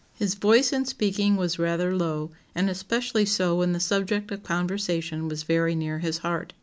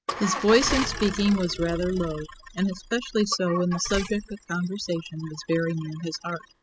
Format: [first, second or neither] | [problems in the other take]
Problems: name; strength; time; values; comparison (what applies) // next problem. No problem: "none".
first | noise reduction (classical method spectral subtraction)